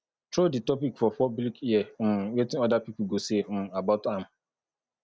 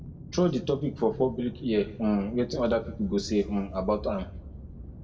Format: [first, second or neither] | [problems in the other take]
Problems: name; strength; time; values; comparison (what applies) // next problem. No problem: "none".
first | background sound (Aircraft); 13 dB below the speech // room echo; dies away in 0.6 s